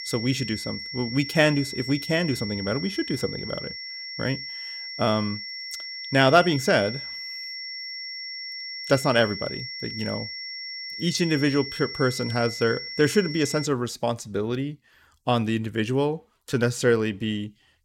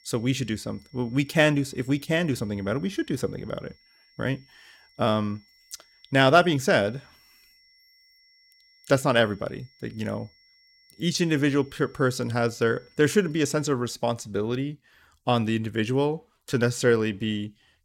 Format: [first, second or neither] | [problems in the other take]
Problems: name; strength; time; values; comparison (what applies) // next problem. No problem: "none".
second | high-pitched whine; loud; until 14 s; 5.5 kHz, 8 dB below the speech; faint in the second